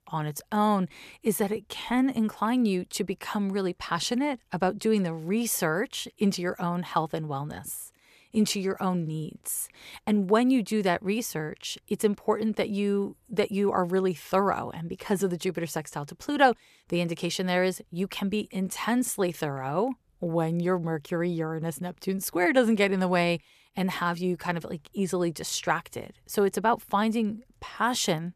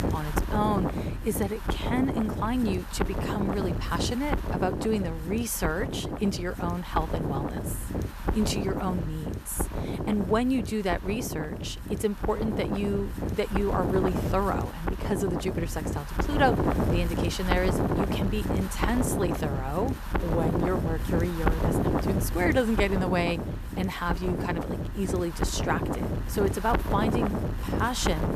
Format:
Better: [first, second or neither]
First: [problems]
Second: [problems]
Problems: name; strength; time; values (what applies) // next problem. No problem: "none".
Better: first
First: none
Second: wind noise on the microphone; heavy; 3 dB below the speech